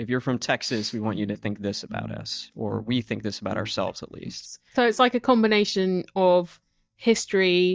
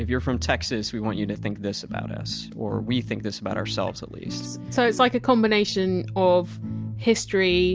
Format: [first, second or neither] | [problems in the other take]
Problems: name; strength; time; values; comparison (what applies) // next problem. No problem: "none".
second | noise reduction (neural mask model DeepFilterNet 3)